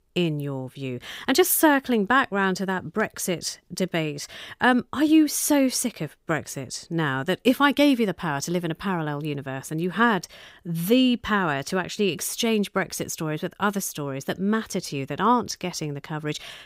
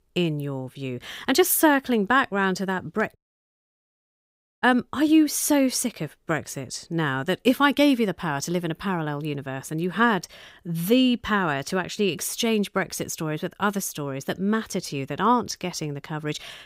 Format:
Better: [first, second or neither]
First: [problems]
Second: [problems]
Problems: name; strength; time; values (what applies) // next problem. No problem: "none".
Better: first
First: none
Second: audio cutting out; at 3 s for 1.5 s